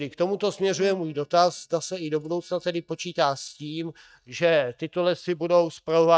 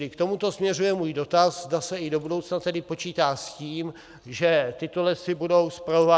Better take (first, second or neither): second